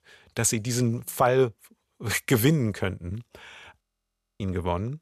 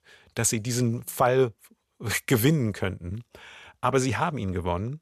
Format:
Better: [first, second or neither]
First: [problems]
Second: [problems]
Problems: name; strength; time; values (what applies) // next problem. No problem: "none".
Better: second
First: audio freezing; at 4 s for 0.5 s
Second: none